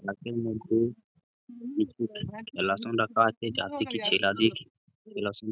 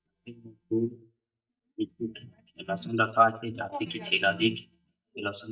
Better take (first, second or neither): first